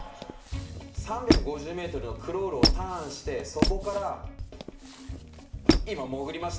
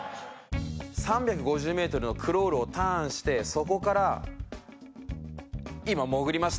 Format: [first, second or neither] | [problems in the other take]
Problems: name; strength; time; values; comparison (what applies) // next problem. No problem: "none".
second | background sound (Squeak); 4 dB above the speech // room echo; dies away in 0.6 s